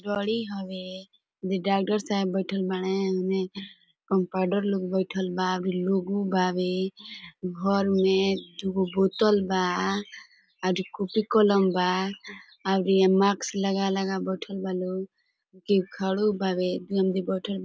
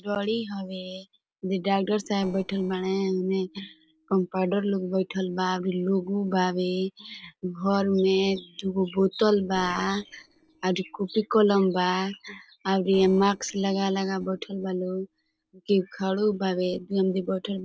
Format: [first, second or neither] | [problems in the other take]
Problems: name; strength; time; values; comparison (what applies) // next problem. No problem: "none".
first | noise reduction (neural separator model SepFormer DNS4)